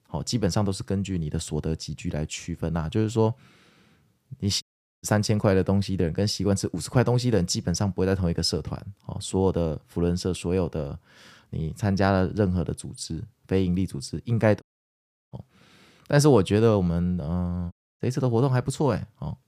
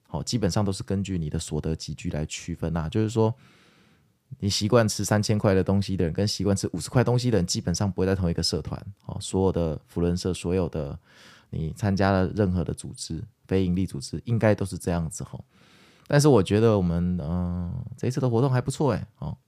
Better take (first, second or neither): second